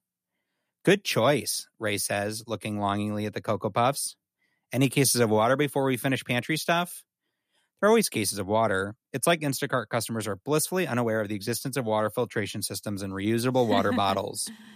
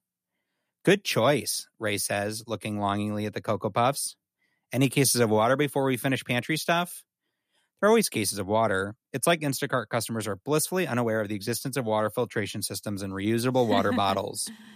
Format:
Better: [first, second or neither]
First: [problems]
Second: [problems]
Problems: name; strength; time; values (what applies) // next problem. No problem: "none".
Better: neither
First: none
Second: none